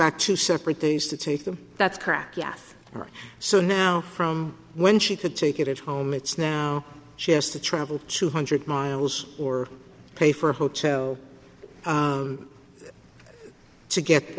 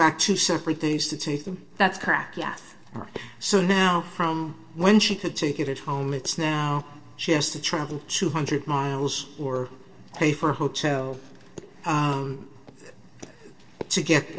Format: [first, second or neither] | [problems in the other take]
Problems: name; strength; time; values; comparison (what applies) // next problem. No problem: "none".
first | noise reduction (neural separator model SepFormer DNS4)